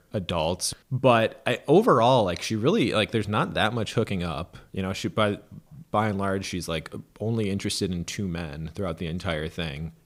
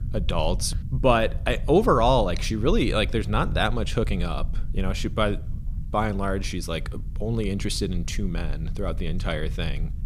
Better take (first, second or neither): first